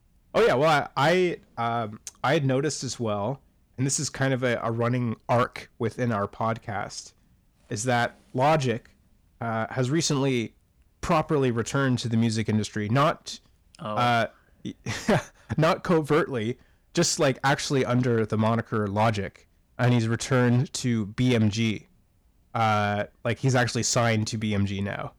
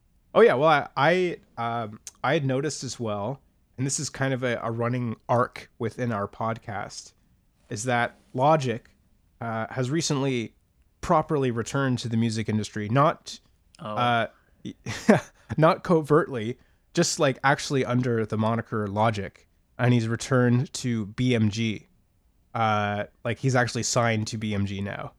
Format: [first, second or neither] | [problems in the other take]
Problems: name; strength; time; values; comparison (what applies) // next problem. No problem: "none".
second | distortion; slight; 5% of the sound clipped